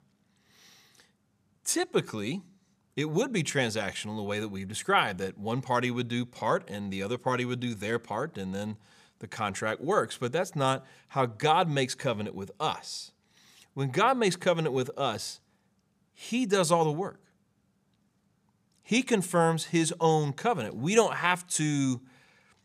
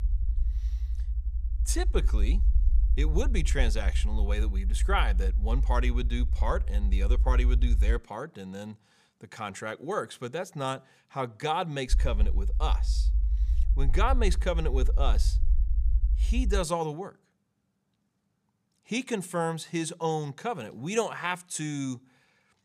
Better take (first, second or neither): first